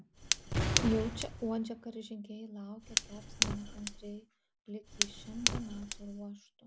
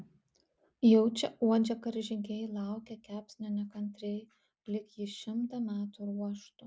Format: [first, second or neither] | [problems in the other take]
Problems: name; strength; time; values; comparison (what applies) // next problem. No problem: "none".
second | background sound (Boom + Fire); 4 dB above the speech